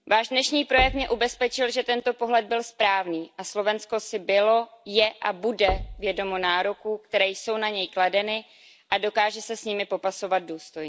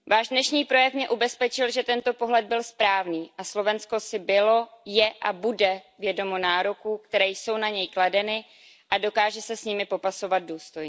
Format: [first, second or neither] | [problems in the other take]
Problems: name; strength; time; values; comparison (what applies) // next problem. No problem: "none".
second | background sound (Knock); 13 dB below the speech